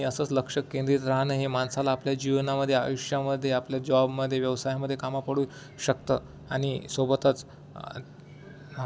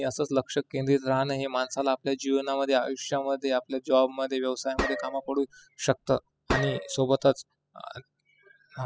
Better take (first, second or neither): first